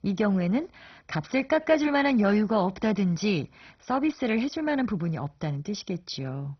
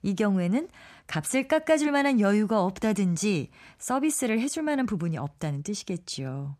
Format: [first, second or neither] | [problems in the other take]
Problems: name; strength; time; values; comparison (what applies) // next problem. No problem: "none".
second | garbled, watery; badly; nothing above 6 kHz